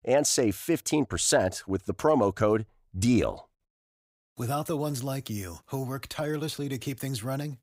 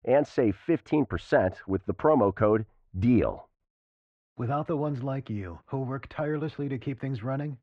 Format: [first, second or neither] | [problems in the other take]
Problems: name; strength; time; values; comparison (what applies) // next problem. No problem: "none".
first | muffled; very; fading above 2 kHz